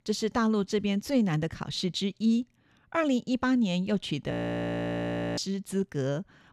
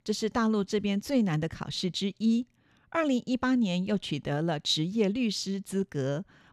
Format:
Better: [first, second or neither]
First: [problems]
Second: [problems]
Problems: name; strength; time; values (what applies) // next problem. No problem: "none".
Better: second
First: audio freezing; at 4.5 s for 1 s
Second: none